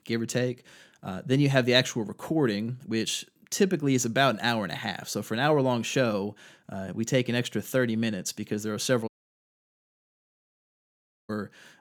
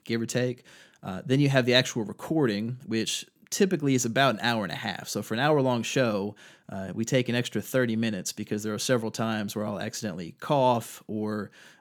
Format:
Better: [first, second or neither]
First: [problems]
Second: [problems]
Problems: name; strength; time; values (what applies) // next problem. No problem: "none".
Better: second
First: audio cutting out; at 9 s for 2 s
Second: none